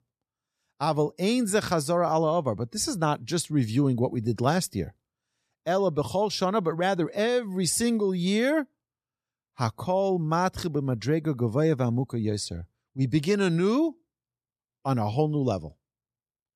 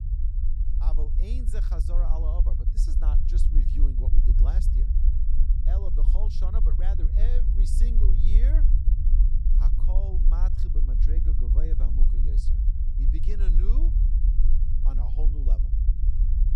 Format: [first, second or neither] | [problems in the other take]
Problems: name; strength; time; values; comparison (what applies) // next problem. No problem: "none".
first | low rumble; loud; throughout; 1 dB below the speech